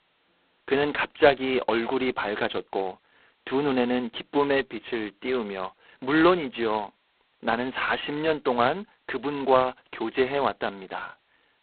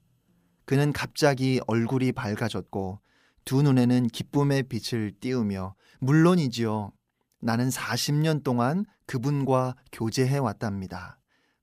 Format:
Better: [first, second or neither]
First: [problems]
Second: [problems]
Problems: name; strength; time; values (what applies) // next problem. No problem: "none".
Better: second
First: phone-call audio; poor line; nothing above 4 kHz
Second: none